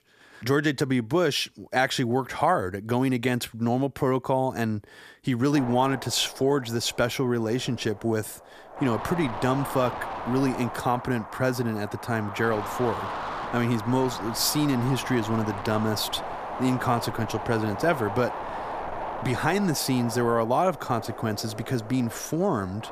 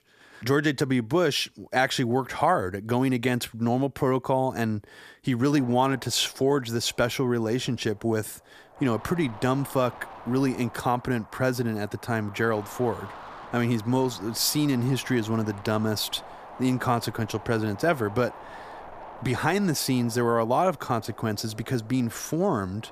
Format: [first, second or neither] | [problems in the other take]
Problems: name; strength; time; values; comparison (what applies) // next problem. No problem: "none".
second | wind noise on the microphone; heavy; from 5.5 s on; 6 dB below the speech; occasional gusts in the second